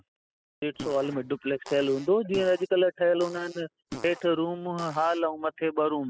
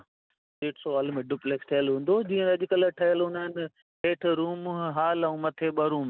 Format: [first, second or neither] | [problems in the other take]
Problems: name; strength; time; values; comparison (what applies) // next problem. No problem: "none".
second | noise reduction (classical method spectral subtraction)